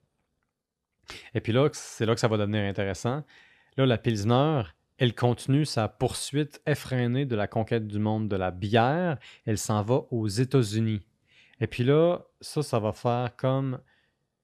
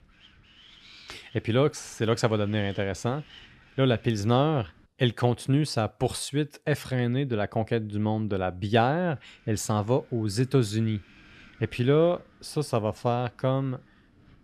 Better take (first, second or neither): first